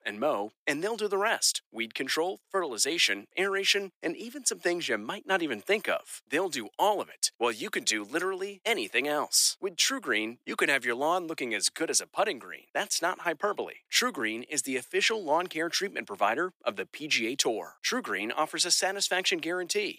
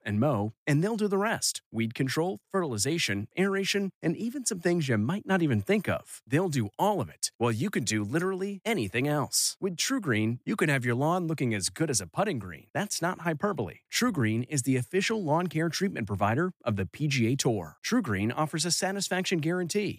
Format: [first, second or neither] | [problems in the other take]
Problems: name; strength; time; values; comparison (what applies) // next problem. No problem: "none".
second | thin; somewhat; fading below 350 Hz